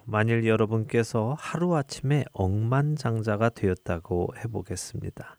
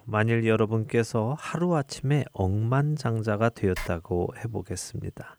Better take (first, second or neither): first